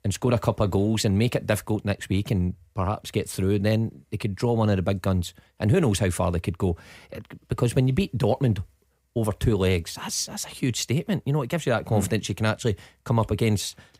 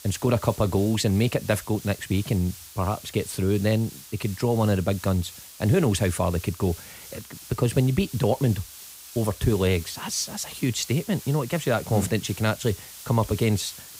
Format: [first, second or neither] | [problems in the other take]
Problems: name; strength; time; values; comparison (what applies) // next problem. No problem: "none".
first | hiss; noticeable; throughout; 15 dB below the speech